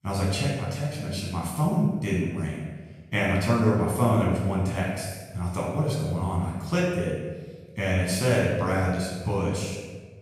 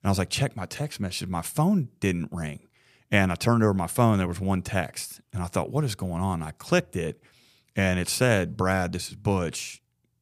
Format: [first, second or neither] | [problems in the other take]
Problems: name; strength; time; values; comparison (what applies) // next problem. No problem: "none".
second | room echo; noticeable; dies away in 1.2 s // off-mic speech; far